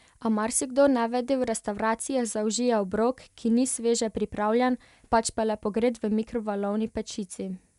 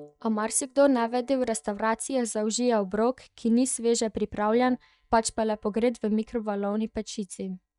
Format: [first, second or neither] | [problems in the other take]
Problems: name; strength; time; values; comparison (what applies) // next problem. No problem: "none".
first | noise reduction (neural mask model DeepFilterNet 3)